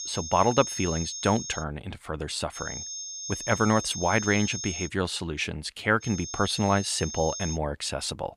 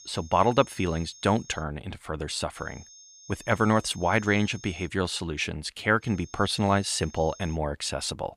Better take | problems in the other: second | high-pitched whine; loud; until 1.5 s, from 2.5 to 5 s and from 6 to 7.5 s; 6.5 kHz, 7 dB below the speech; faint in the second

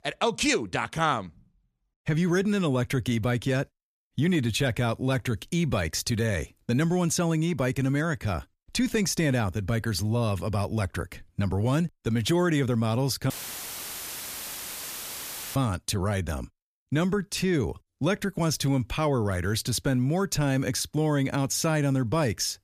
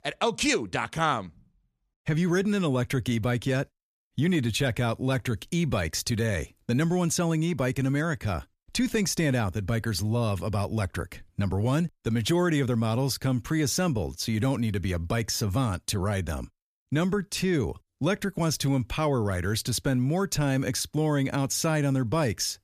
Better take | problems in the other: second | audio cutting out; filled with static; at 13 s for 2.5 s

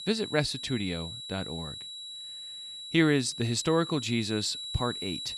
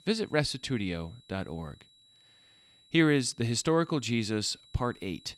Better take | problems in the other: second | high-pitched whine; loud; throughout; 4 kHz, 8 dB below the speech; faint in the second

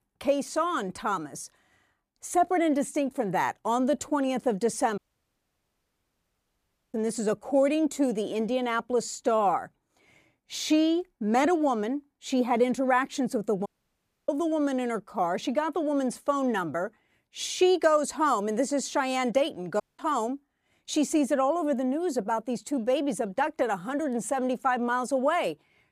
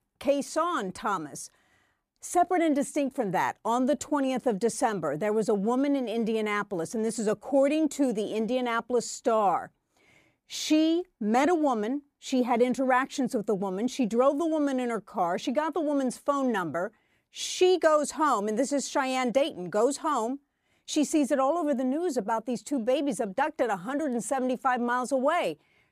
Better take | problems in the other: second | audio cutting out; at 5 s for 2 s, at 14 s for 0.5 s and at 20 s

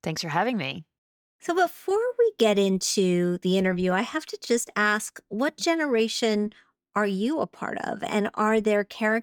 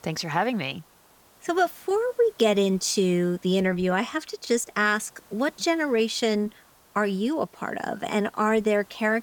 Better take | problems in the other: first | hiss; faint; throughout; 30 dB below the speech

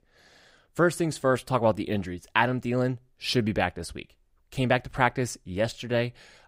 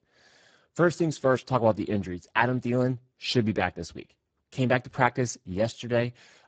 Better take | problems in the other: first | garbled, watery; badly; nothing above 7.5 kHz

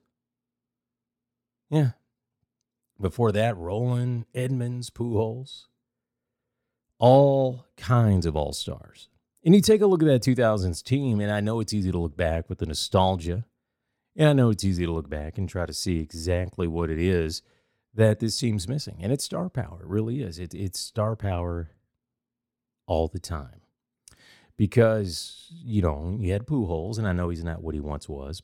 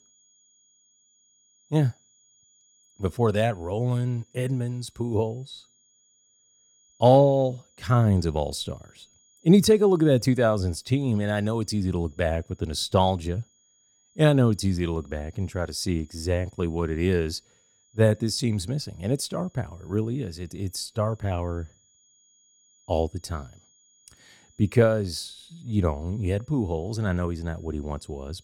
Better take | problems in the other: first | high-pitched whine; faint; throughout; 6.5 kHz, 35 dB below the speech

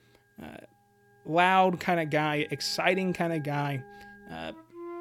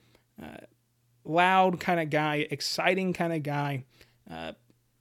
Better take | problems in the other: second | background music; faint; throughout; 20 dB below the speech

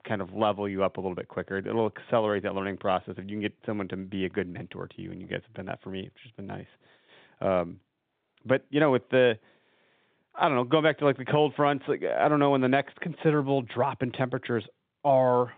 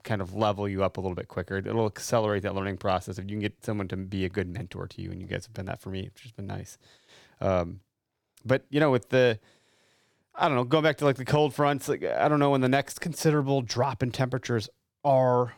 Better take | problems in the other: second | phone-call audio

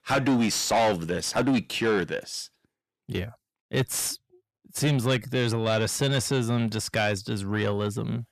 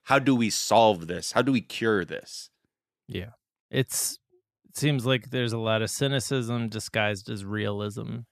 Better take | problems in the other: second | distortion; heavy; 7 dB below the speech

